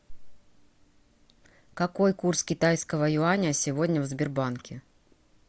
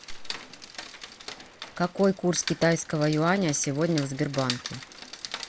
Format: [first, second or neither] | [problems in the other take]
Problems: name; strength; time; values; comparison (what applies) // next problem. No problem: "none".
first | background sound (Rain); 12 dB below the speech